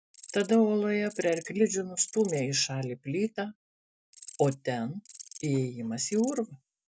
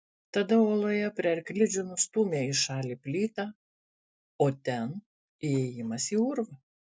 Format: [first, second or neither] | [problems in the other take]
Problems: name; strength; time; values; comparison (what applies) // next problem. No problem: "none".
second | background sound (Insect); 19 dB below the speech